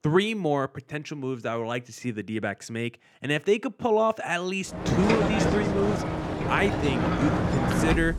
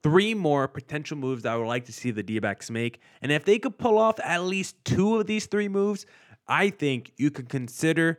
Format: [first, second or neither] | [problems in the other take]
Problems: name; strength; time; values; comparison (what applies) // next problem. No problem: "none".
second | rain or running water; very loud; from 5 s on; 1 dB above the speech